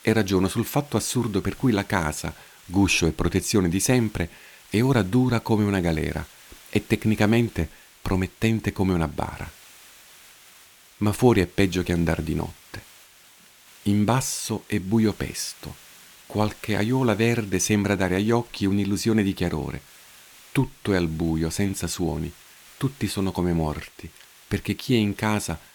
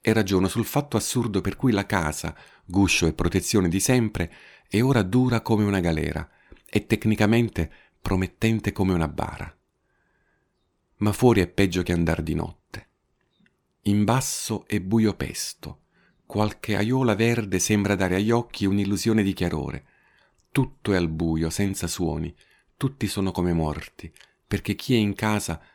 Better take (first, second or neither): second